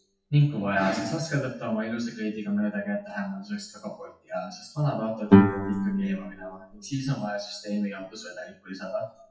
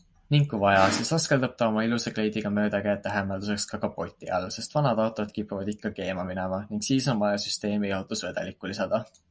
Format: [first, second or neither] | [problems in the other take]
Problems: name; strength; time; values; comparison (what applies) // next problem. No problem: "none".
second | noise reduction (classical method WPE with log-MMSE)